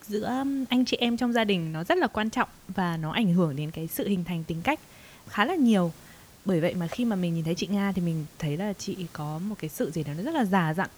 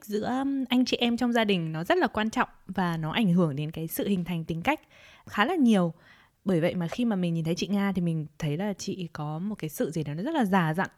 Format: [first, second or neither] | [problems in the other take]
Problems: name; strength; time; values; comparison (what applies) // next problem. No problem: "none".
second | hiss; faint; throughout; 25 dB below the speech